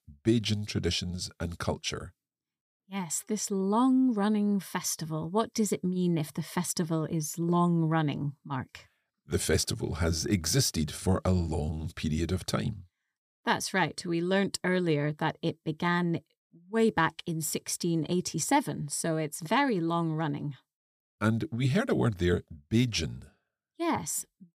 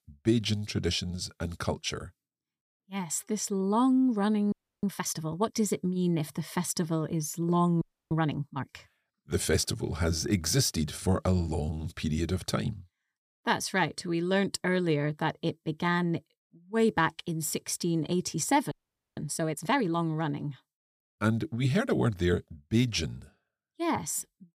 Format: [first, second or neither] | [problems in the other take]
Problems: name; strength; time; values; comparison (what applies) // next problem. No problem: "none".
first | audio freezing; at 4.5 s, at 8 s and at 19 s